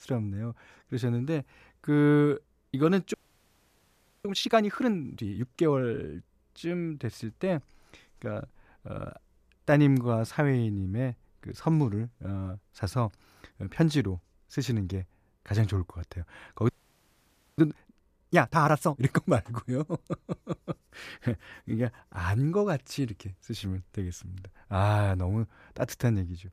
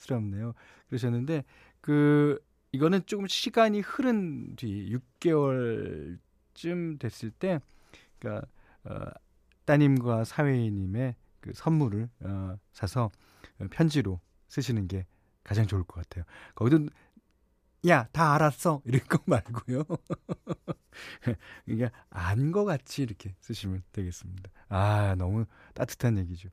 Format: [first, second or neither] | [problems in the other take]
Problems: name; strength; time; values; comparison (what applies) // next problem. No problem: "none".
second | audio freezing; at 3 s for 1 s and at 17 s for 1 s